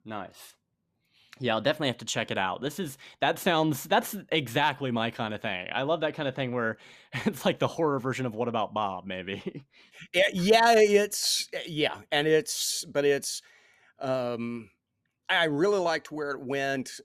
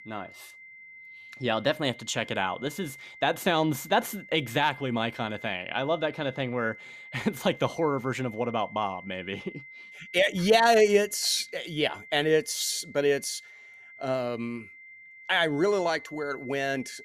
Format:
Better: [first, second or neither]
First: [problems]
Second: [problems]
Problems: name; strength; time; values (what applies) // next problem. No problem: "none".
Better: first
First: none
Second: high-pitched whine; noticeable; throughout; 2 kHz, 20 dB below the speech